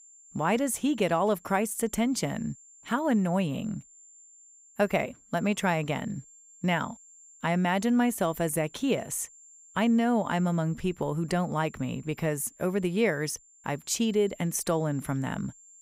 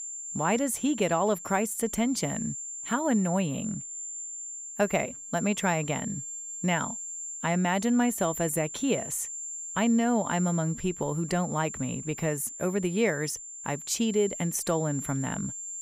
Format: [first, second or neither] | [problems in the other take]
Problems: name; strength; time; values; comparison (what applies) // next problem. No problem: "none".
first | high-pitched whine; loud; throughout; 7.5 kHz, 8 dB below the speech; faint in the first